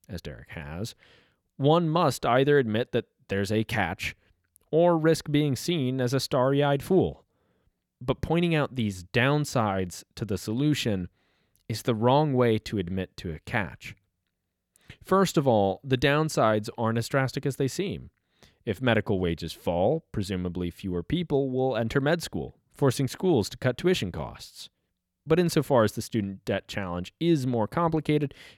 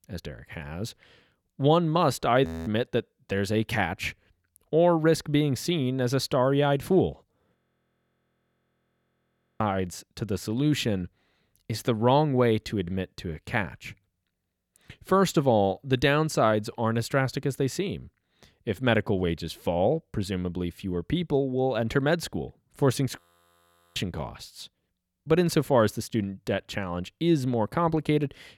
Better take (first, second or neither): first